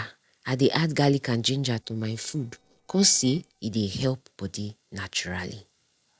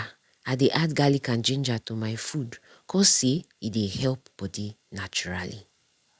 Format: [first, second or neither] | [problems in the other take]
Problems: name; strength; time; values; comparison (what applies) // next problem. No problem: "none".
second | noise reduction (neural separator model SepFormer DNS4)